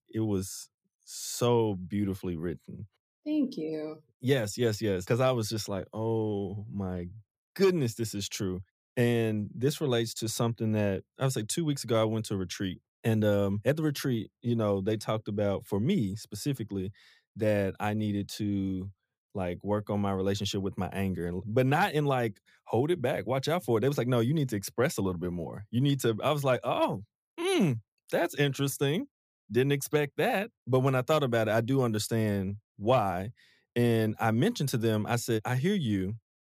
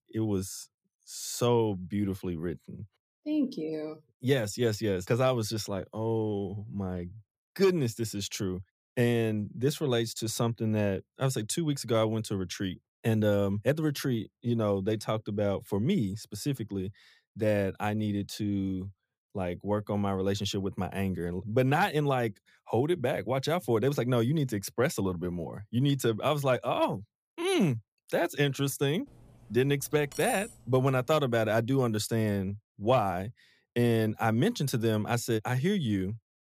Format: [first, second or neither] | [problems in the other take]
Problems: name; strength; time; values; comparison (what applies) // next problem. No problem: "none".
first | clattering dishes; noticeable; from 29 to 31 s; peak 8 dB below the speech